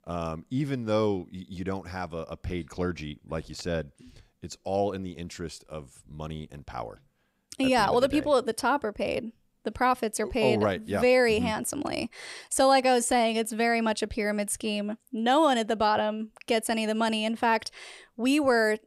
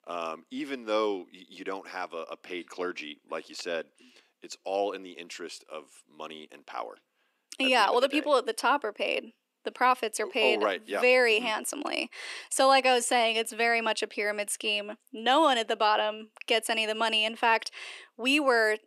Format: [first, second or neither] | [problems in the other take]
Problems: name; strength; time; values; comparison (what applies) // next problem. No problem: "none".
first | thin; somewhat; fading below 300 Hz